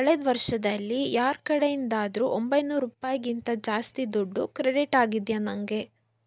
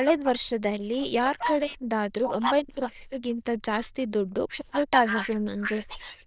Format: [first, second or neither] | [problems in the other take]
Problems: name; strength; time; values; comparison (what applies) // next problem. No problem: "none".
first | noise reduction (neural diffusion model UNIVERSE++)